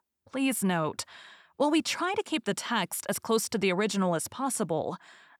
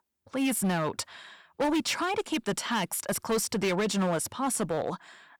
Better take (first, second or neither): first